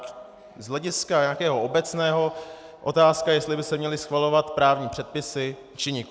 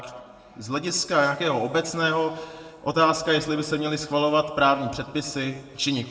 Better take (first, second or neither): first